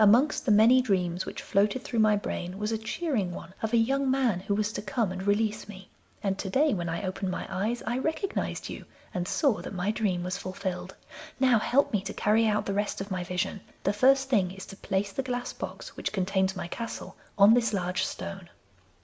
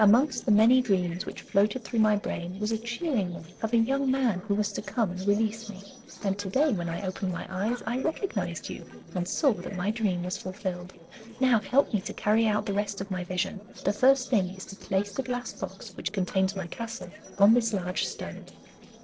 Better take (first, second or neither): first